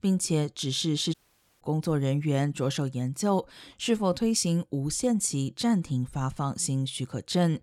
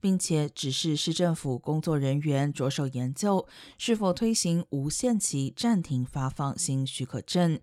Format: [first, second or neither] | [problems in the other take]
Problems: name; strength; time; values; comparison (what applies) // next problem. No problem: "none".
second | audio cutting out; at 1 s